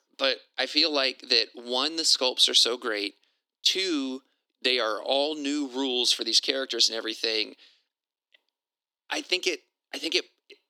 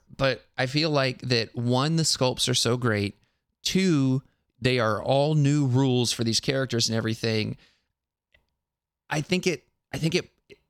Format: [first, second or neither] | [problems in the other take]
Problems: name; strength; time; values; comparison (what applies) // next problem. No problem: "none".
second | thin; somewhat; fading below 300 Hz